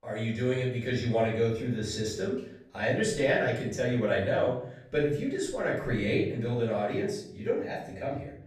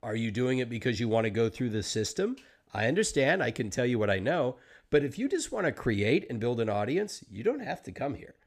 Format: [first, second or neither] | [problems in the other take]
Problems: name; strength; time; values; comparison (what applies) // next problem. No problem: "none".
second | room echo; noticeable; dies away in 0.6 s // off-mic speech; far